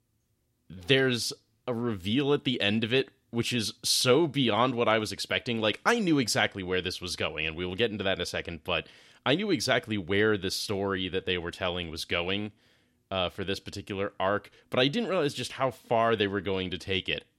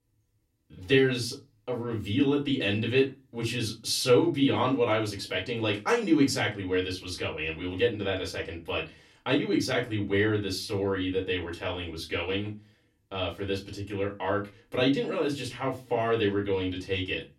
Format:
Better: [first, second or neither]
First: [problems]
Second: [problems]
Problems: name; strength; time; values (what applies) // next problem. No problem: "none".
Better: first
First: none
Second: off-mic speech; far // room echo; very slight; dies away in 0.2 s